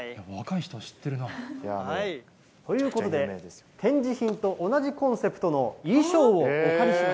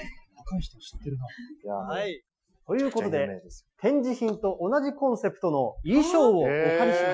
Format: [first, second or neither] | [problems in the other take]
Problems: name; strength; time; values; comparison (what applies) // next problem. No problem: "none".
first | noise reduction (classical method Wiener filter)